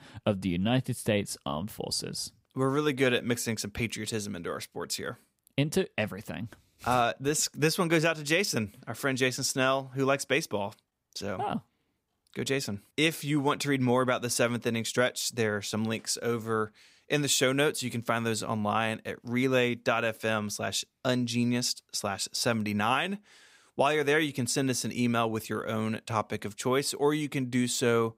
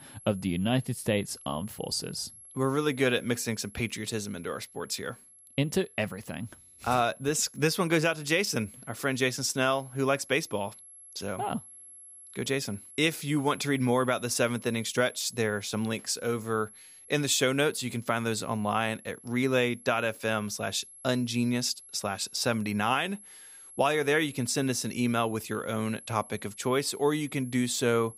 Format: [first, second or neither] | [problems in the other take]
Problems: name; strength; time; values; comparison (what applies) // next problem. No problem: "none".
first | high-pitched whine; noticeable; throughout; 11 kHz, 20 dB below the speech